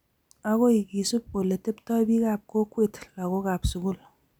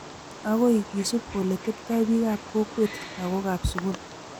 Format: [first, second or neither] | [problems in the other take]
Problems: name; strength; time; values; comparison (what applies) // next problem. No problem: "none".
first | background sound (Wild animals); 14 dB below the speech